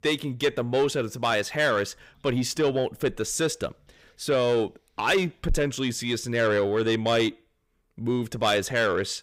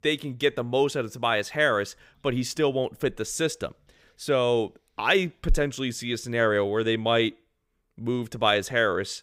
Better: second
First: distortion; slight; 10 dB below the speech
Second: none

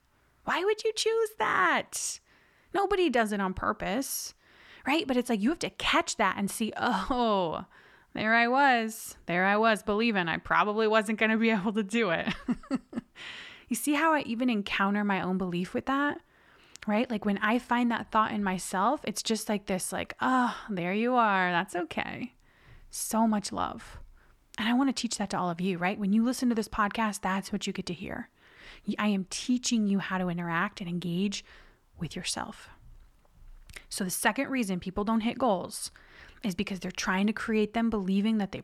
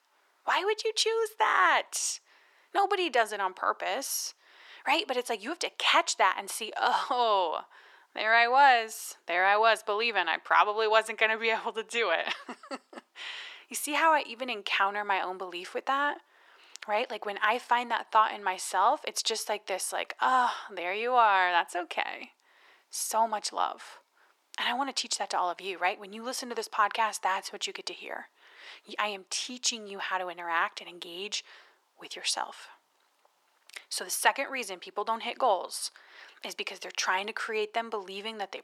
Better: first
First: none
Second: thin; very; fading below 400 Hz

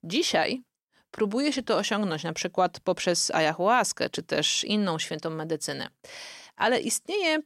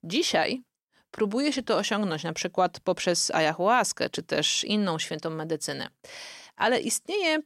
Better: neither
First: none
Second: none

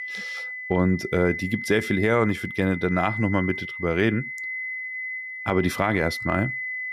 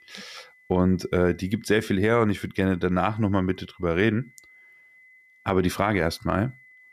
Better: second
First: high-pitched whine; loud; throughout; 2 kHz, 6 dB below the speech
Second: high-pitched whine; faint; throughout; 2 kHz, 30 dB below the speech

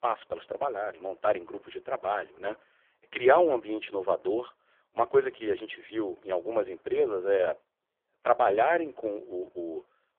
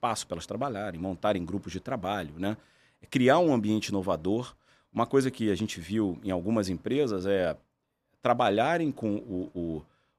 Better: second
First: phone-call audio; poor line; nothing above 3.5 kHz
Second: none

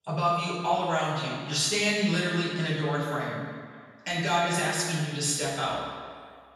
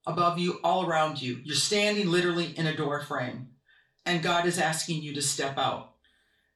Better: second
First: room echo; strong; dies away in 1.6 s // off-mic speech; far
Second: room echo; slight; dies away in 0.3 s // off-mic speech; far

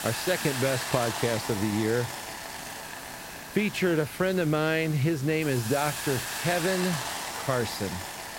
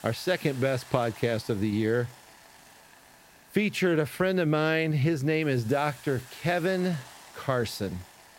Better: second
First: hiss; loud; throughout; 6 dB below the speech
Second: hiss; faint; throughout; 20 dB below the speech

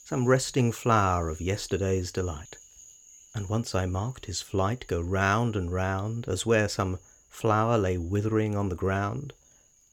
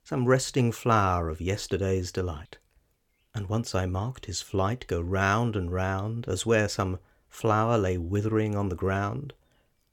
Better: second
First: animal sounds; faint; throughout; 25 dB below the speech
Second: none

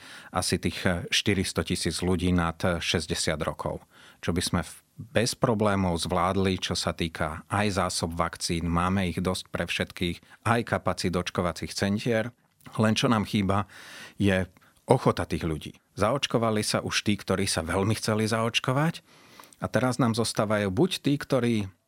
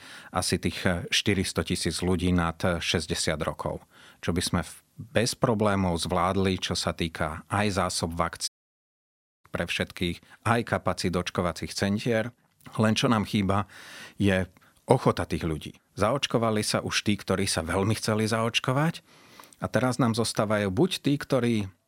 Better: first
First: none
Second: audio cutting out; at 8.5 s for 1 s

